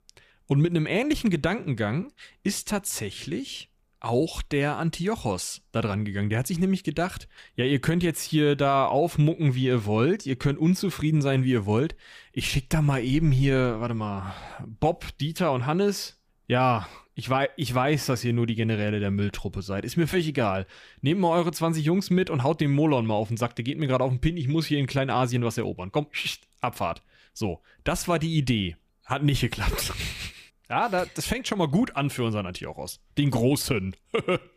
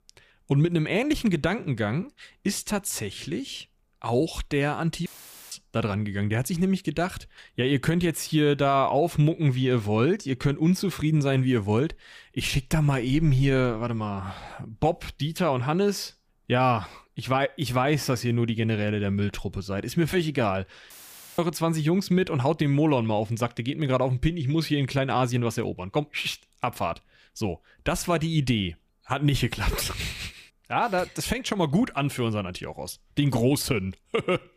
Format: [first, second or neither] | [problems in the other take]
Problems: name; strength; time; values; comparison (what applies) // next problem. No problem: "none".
first | audio cutting out; filled with static; at 5 s and at 21 s